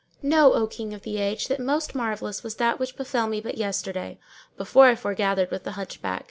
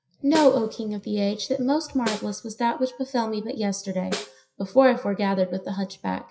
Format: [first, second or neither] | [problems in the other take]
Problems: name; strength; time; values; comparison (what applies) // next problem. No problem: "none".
first | noise reduction (classical method WPE with log-MMSE)